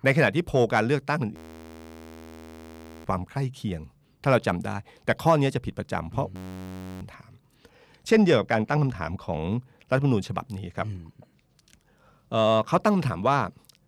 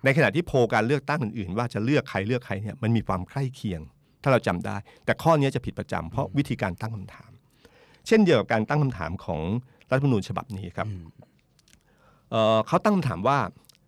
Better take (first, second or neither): second